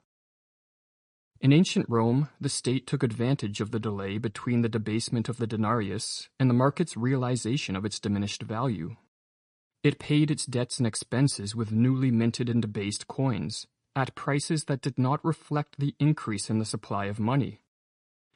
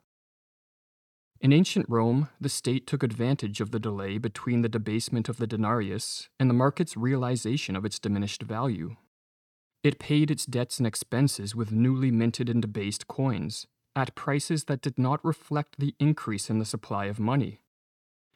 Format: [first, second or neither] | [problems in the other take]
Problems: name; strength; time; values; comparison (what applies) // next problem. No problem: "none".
second | garbled, watery; slightly; nothing above 10 kHz